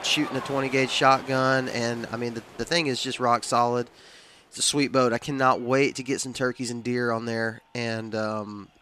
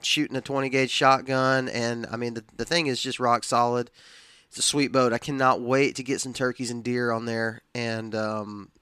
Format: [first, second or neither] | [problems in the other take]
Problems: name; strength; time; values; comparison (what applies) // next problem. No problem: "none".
second | crowd noise; noticeable; throughout; 15 dB below the speech